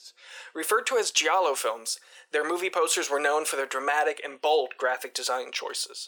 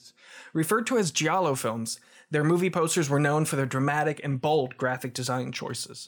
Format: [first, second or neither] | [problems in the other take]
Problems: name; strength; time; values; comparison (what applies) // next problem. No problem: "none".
second | thin; very; fading below 400 Hz